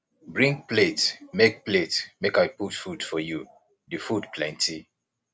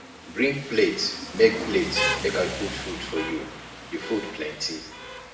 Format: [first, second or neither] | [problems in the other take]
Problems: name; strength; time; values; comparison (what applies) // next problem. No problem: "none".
first | background sound (Rain); 7 dB below the speech // room echo; dies away in 0.8 s